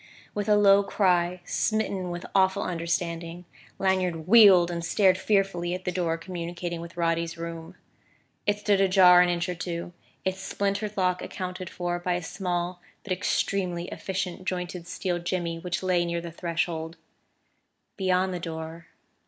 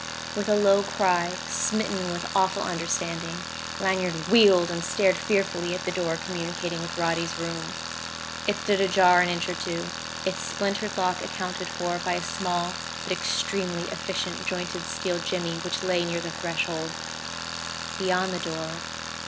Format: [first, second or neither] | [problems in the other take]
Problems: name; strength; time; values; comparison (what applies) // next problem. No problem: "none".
first | background sound (Tools); 7 dB below the speech